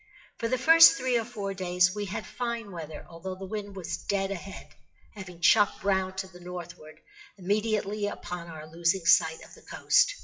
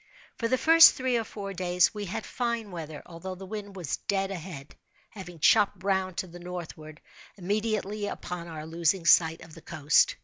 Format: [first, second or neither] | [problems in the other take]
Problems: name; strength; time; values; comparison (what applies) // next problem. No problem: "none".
second | noise reduction (classical method WPE with log-MMSE)